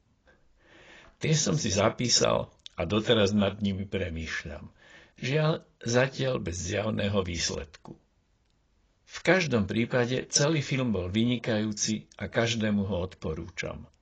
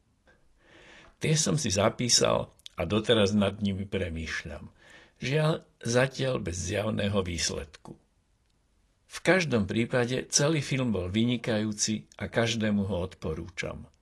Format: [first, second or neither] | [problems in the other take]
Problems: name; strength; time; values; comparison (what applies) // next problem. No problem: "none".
second | garbled, watery; badly; slightly in the second